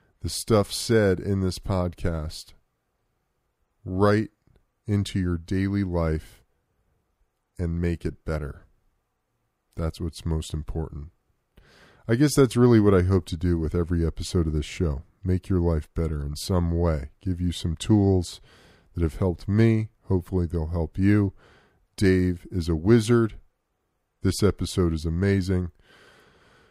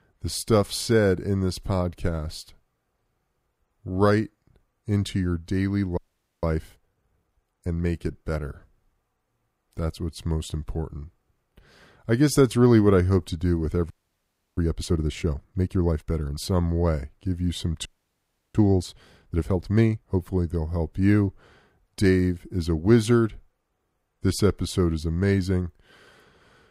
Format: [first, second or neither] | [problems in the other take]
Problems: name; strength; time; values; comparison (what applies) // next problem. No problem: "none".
first | audio freezing; at 6 s, at 14 s for 0.5 s and at 18 s for 0.5 s